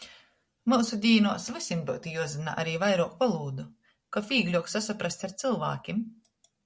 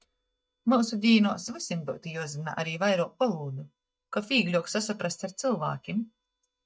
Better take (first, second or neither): first